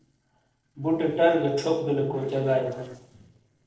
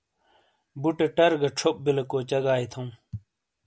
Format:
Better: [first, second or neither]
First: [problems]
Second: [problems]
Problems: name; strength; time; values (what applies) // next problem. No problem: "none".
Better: second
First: noise reduction (neural separator model SepFormer DNS4)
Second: none